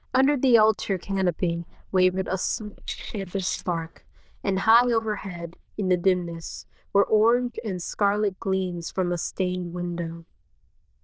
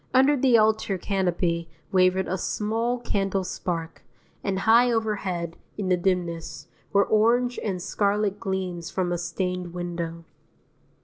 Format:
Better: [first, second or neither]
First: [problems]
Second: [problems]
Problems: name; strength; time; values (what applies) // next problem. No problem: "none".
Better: second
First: noise reduction (neural diffusion model UNIVERSE++)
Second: none